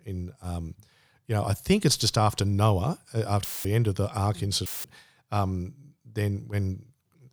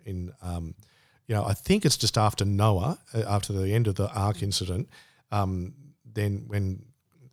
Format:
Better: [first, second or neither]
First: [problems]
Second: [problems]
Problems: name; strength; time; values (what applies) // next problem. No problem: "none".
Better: second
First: audio cutting out; filled with static; at 3.5 s and at 4.5 s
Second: none